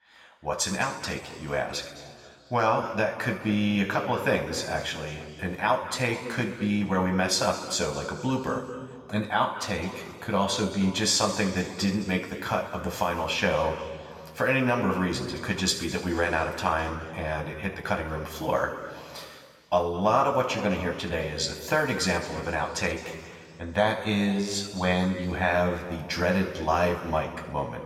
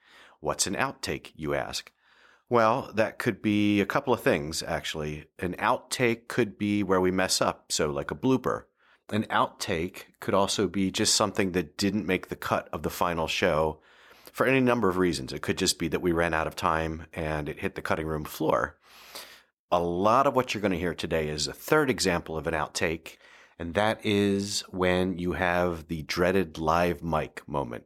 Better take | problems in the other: second | room echo; noticeable; dies away in 1.9 s // off-mic speech; somewhat distant

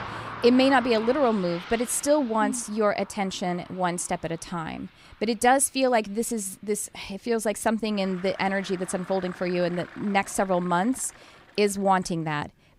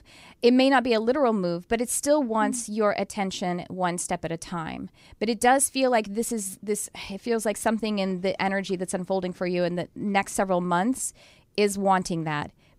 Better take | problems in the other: second | traffic noise; noticeable; throughout; 15 dB below the speech

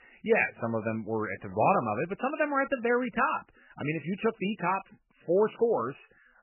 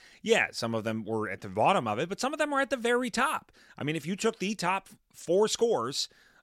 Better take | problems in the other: second | garbled, watery; badly; nothing above 3 kHz

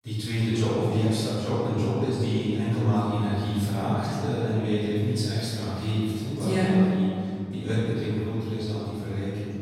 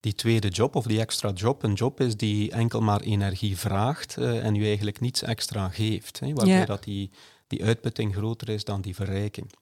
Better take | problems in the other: second | off-mic speech; far // room echo; strong; dies away in 2.4 s

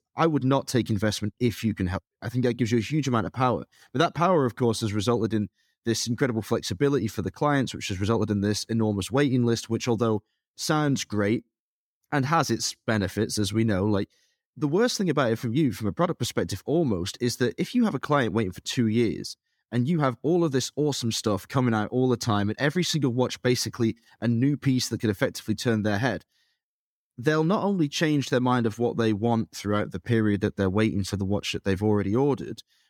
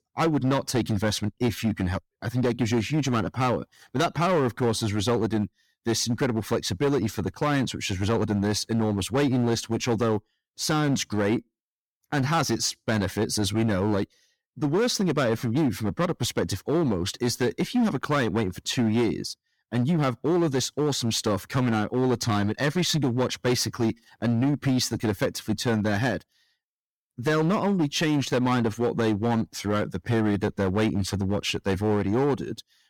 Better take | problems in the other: first | distortion; slight; 10% of the sound clipped

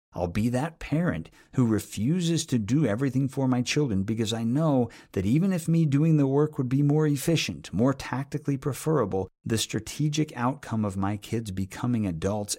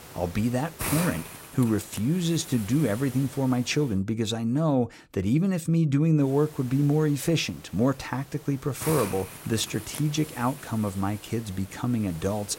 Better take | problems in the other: first | hiss; noticeable; until 4 s and from 6 s on; 15 dB below the speech

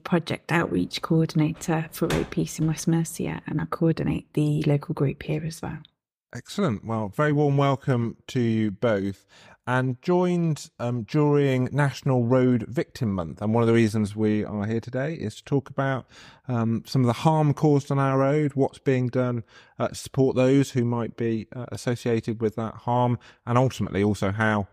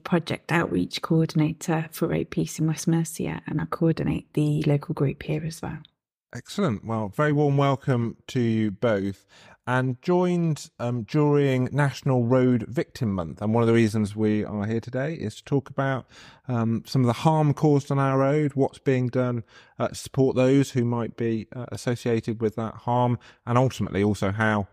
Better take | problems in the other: second | door banging; noticeable; from 1.5 to 2.5 s; peak 9 dB below the speech

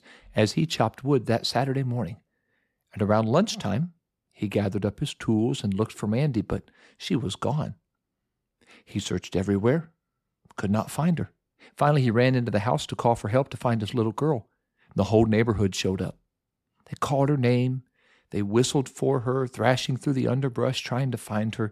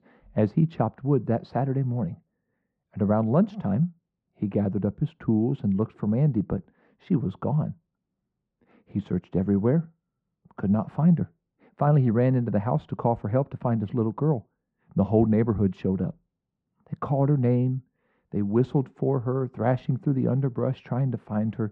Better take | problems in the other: first | muffled; very; fading above 1 kHz

